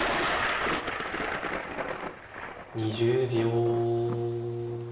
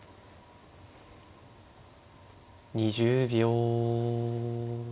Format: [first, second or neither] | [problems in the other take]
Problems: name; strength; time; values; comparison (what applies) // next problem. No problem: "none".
second | background sound (Thunder); 2 dB below the speech // room echo; dies away in 0.7 s